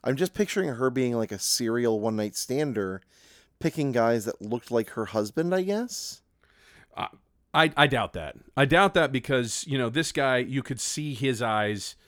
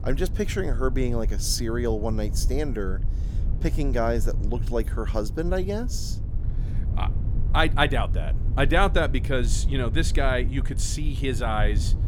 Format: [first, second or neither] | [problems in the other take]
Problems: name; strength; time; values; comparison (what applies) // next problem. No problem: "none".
first | low rumble; noticeable; throughout; 15 dB below the speech